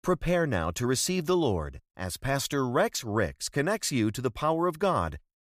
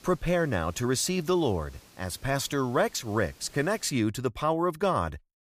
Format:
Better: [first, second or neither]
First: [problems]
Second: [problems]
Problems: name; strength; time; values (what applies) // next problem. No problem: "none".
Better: first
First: none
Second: hiss; faint; until 4 s; 25 dB below the speech